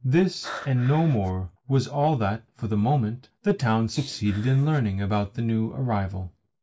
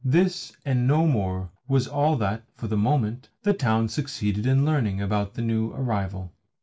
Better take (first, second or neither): second